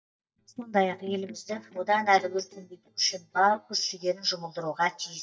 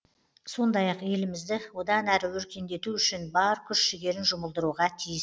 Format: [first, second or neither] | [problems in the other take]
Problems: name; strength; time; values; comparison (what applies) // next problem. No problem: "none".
second | noise reduction (neural mask model DeepFilterNet 3)